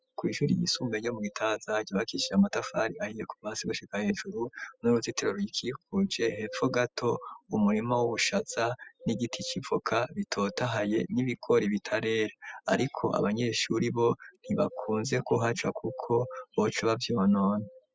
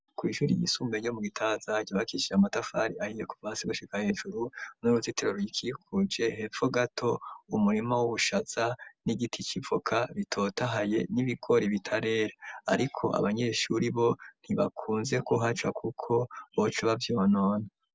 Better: second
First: noise reduction (classical method spectral subtraction)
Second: none

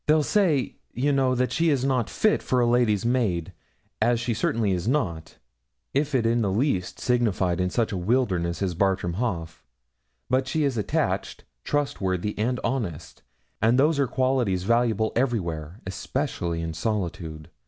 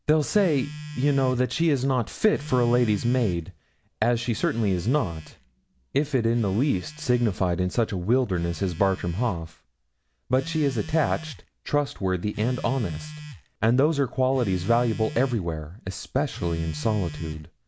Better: first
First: none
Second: background sound (Telephone); 15 dB below the speech

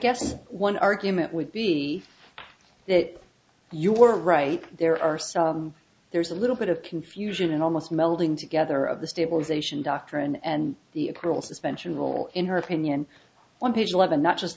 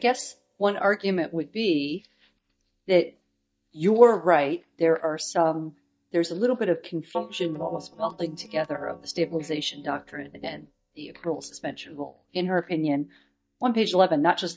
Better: first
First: none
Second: noise reduction (neural mask model DeepFilterNet 3)

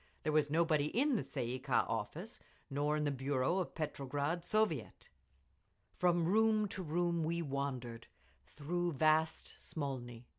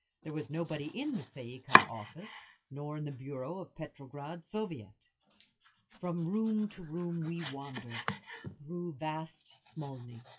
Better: first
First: none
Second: noise reduction (classical method WPE with log-MMSE)

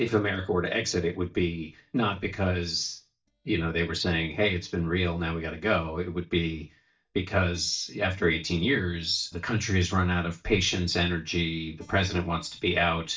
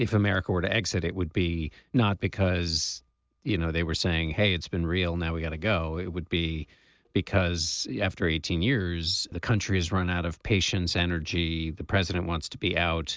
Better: second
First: noise reduction (neural mask model DeepFilterNet 3)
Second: none

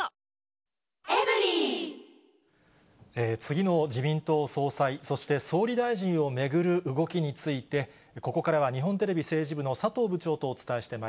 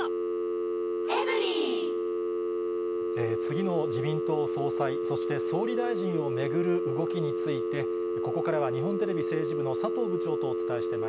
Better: first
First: none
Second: background sound (Telephone); 3 dB above the speech

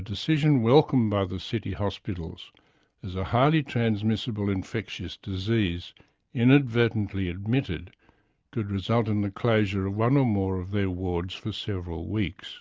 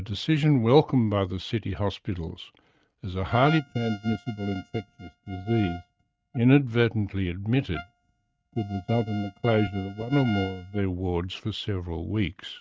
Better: first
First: none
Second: noise reduction (neural mask model RNNoise)

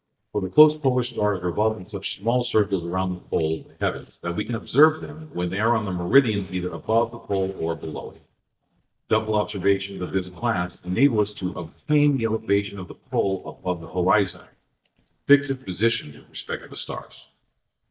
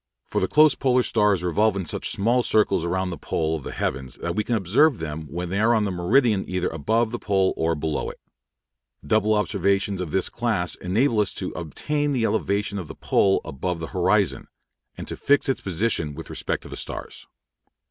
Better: second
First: noise reduction (neural mask model DeepFilterNet 3)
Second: none

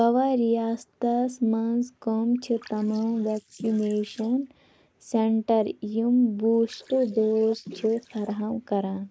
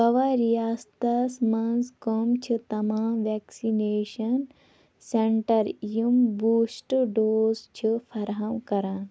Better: second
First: noise reduction (neural mask model Resemble Enhance denoiser)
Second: none

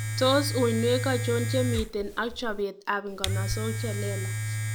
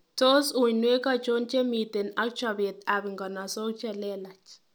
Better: second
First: background sound (Domestic sounds, home sounds); 2 dB below the speech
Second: none

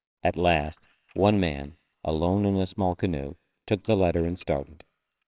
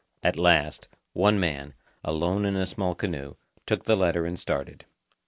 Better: second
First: noise reduction (neural separator model SepFormer WHAMR!)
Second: none

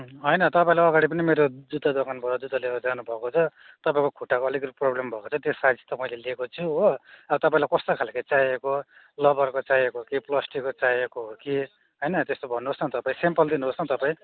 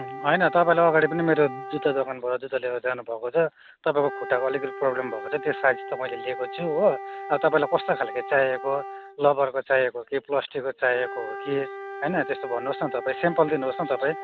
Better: first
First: none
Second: background sound (Wind instrument, woodwind instrument); 12 dB below the speech

